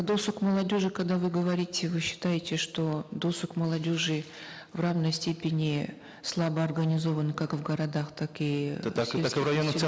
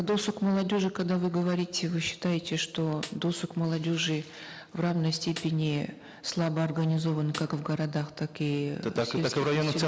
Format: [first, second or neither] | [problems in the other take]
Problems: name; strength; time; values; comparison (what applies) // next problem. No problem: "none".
first | background sound (Snare drum); 17 dB below the speech